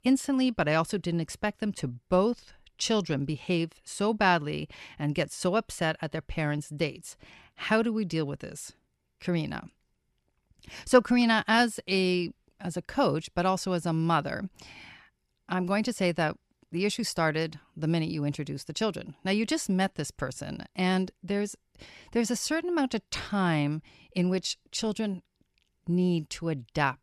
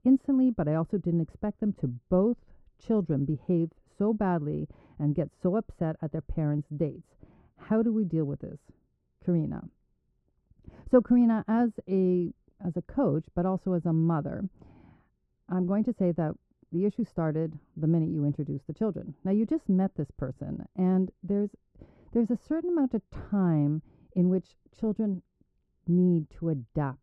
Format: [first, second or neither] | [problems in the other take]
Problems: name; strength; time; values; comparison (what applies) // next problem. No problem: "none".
first | muffled; very; fading above 1 kHz